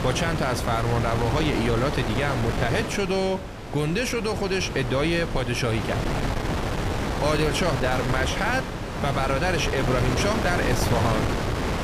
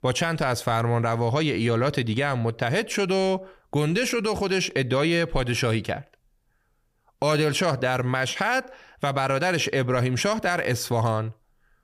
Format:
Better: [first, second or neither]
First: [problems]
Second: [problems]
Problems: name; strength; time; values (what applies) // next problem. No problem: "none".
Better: second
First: wind noise on the microphone; heavy; 4 dB below the speech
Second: none